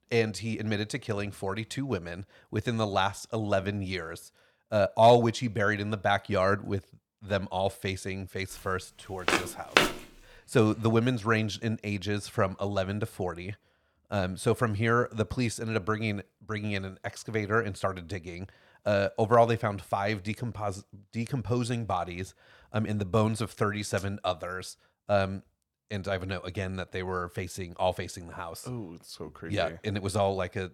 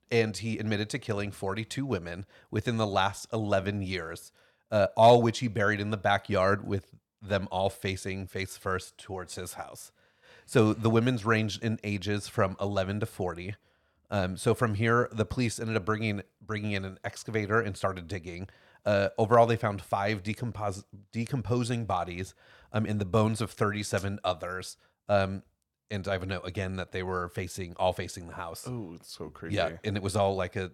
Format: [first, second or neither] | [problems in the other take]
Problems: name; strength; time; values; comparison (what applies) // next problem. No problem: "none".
second | footsteps; loud; at 9.5 s; peak 5 dB above the speech